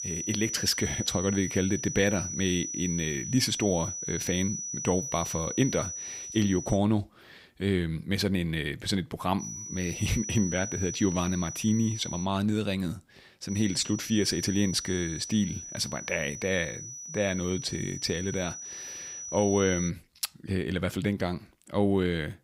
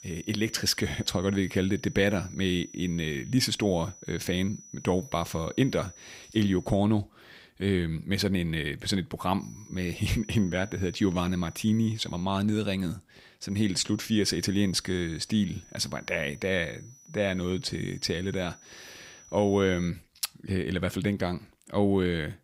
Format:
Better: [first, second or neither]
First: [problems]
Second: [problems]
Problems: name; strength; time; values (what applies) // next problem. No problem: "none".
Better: second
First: high-pitched whine; loud; until 7 s, from 9.5 to 12 s and from 13 to 20 s; 6 kHz, 6 dB below the speech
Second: high-pitched whine; faint; until 7 s, from 9.5 to 12 s and from 13 to 20 s; 6 kHz, 20 dB below the speech